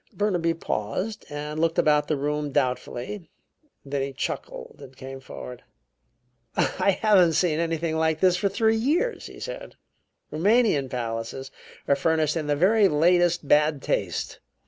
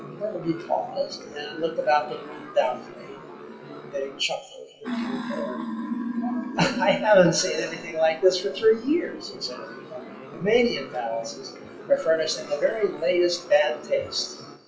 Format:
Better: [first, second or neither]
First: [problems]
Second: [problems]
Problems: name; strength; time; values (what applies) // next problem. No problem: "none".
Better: first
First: none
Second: noise reduction (classical method WPE with log-MMSE)